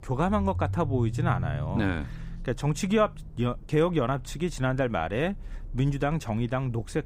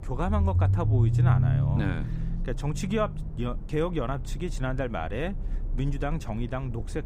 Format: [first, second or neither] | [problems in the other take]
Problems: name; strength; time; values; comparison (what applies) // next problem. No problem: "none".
first | low rumble; loud; throughout; 9 dB below the speech; faint in the first